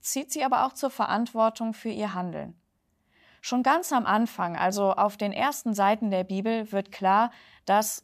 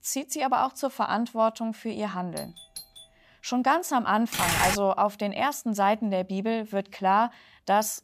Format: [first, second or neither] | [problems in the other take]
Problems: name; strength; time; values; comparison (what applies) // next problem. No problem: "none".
first | doorbell; faint; at 2.5 s; peak 15 dB below the speech // keyboard typing; loud; at 4.5 s; peak 3 dB above the speech